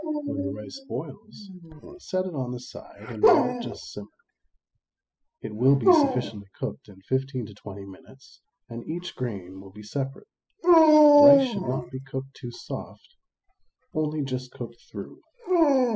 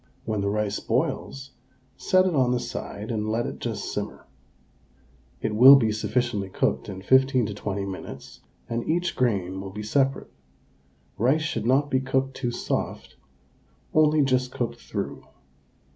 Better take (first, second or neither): second